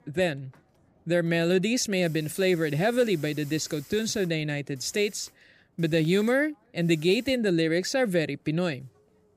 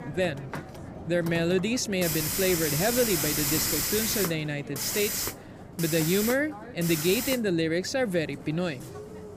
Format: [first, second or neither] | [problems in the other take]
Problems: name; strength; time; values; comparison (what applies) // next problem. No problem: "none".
first | hiss; loud; throughout; 1 dB below the speech; faint in the first